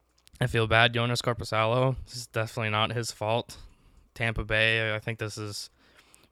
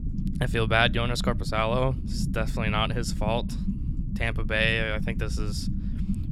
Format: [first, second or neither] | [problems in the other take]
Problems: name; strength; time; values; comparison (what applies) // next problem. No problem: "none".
first | low rumble; noticeable; throughout; 15 dB below the speech